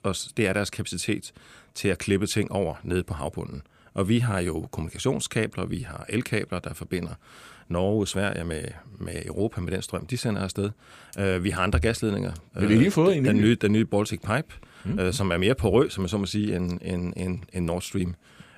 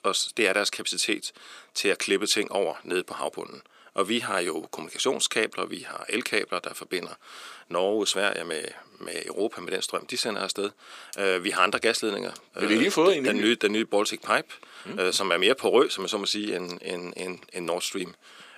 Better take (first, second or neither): first